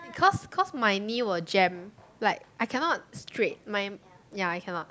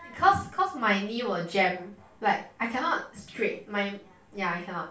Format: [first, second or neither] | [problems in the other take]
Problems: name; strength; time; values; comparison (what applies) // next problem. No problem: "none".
first | room echo; dies away in 0.3 s